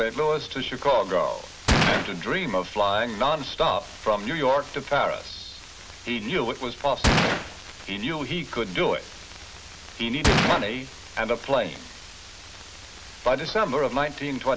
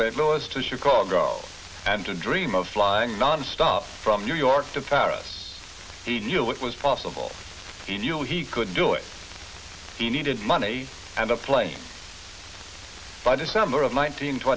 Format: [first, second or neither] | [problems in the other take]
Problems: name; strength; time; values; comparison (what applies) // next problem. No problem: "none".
second | background sound (Gunshot, gunfire); 2 dB above the speech